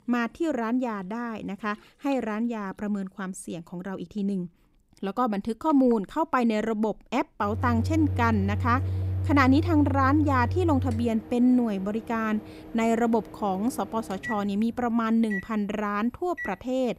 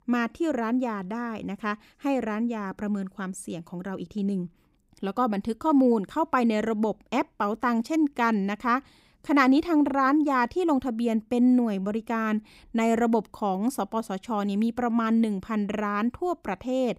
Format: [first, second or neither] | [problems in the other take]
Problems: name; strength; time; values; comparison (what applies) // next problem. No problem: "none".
second | household noises; loud; throughout; 6 dB below the speech